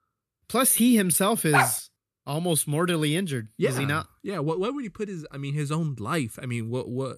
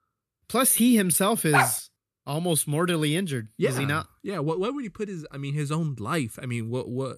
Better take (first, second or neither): neither